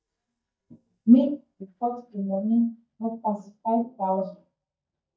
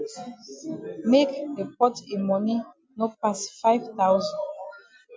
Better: second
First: noise reduction (neural mask model DeepFilterNet 3)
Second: none

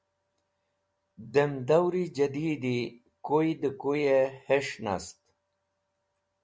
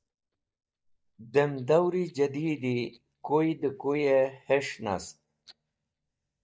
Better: first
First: none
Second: noise reduction (neural mask model DeepFilterNet 3)

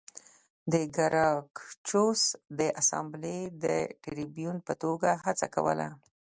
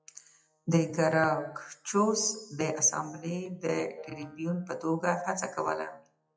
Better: first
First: none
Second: noise reduction (classical method WPE with log-MMSE)

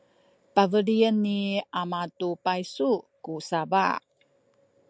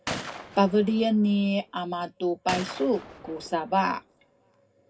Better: first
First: none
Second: background sound (Gunshot, gunfire); 13 dB below the speech // room echo; dies away in 0.2 s

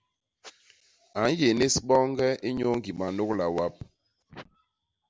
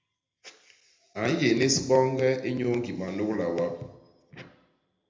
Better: first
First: none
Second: room echo; dies away in 0.7 s

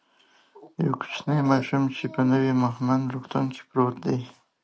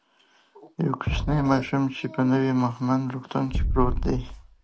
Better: first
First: none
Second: background sound (Thump, thud); 5 dB below the speech

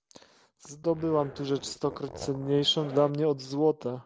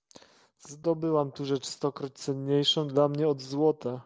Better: second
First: background sound (Zipper (clothing)); 16 dB below the speech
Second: none

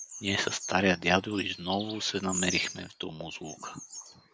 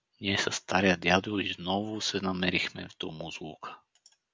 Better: second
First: background sound (Bird vocalization, bird call, bird song); 11 dB below the speech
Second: none

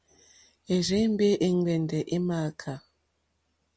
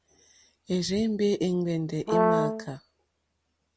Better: first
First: none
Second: background sound (Brass instrument); 3 dB above the speech

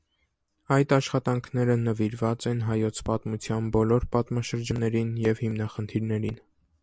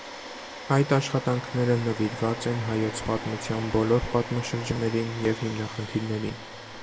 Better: first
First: none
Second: background sound (Domestic sounds, home sounds); 11 dB below the speech // room echo; dies away in 1.7 s

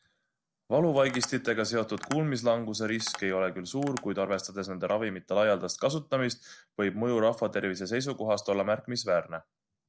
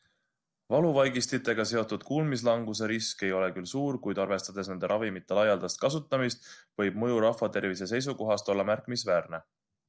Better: second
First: background sound (Tap); 16 dB below the speech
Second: none

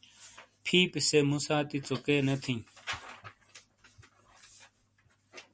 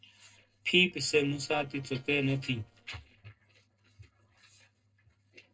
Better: first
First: none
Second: noise reduction (neural separator model SepFormer DNS4)

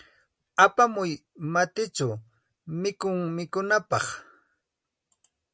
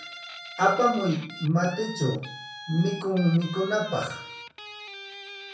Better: first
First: none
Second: background sound (Guitar); 14 dB below the speech // room echo; dies away in 0.5 s

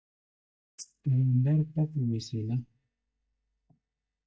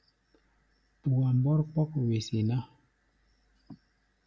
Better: second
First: noise reduction (neural mask model DeepFilterNet 3)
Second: none

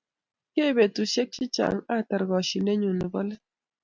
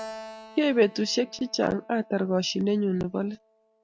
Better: first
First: none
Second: background sound (Keyboard (musical)); 19 dB below the speech

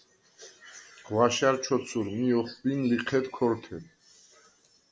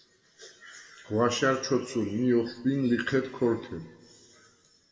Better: first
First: none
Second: room echo; dies away in 1.2 s

